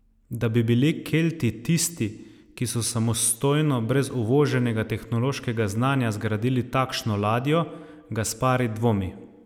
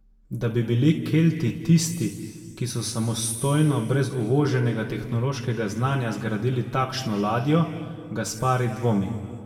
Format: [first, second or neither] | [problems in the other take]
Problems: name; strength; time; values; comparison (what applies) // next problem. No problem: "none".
first | room echo; dies away in 2 s